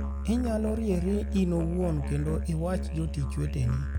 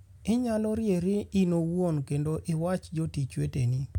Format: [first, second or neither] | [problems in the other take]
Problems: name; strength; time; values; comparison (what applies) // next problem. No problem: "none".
second | background sound (Musical instrument); 2 dB below the speech